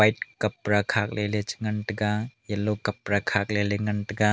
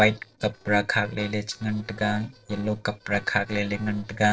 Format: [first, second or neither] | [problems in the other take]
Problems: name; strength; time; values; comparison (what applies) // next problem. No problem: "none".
first | noise reduction (neural separator model SepFormer DNS4)